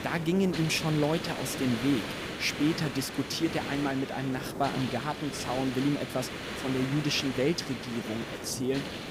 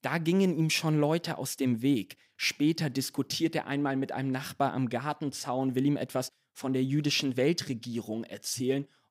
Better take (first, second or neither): second